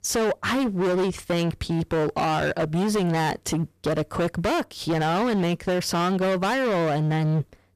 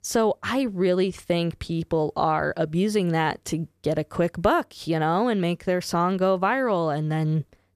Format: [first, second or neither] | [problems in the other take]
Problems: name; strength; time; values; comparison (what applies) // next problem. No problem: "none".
second | distortion; heavy; 28% of the sound clipped